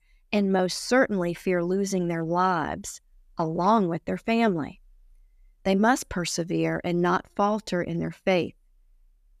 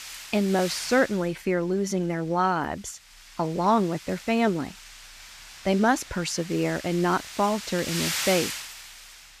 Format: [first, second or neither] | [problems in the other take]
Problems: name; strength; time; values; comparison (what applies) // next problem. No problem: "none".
first | wind noise on the microphone; heavy; 9 dB below the speech